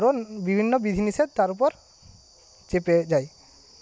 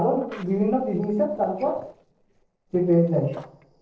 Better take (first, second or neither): first